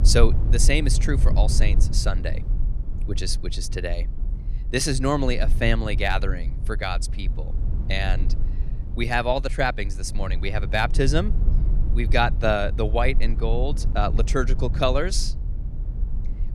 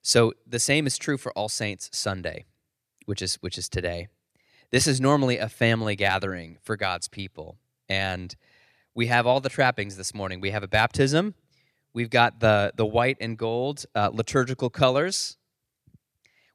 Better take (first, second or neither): second